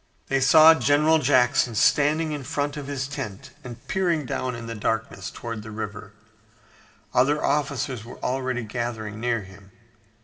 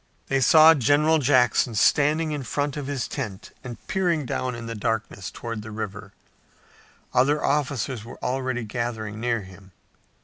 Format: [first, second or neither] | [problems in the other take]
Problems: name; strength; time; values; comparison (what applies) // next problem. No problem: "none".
second | room echo; dies away in 1.1 s